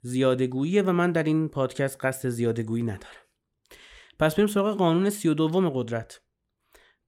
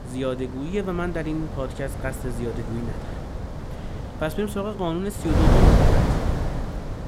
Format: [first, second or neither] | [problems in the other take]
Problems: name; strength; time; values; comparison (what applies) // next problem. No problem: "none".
first | wind noise on the microphone; heavy; as loud as the speech